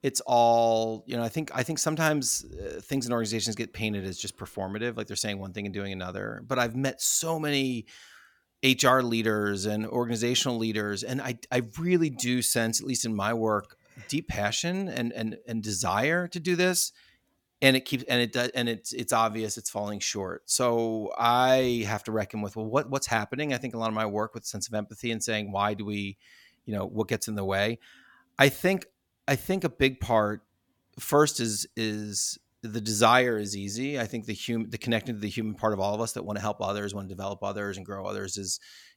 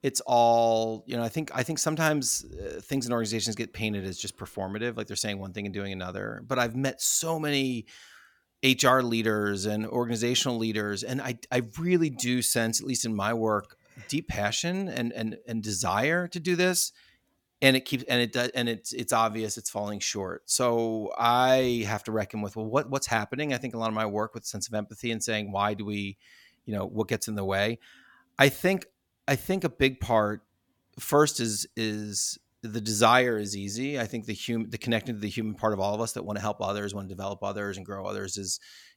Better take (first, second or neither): neither